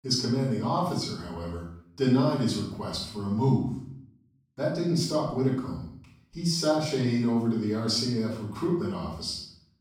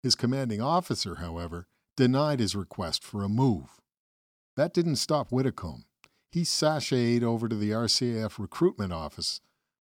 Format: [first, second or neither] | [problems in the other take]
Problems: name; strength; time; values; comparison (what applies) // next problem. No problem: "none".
second | off-mic speech; far // room echo; noticeable; dies away in 0.6 s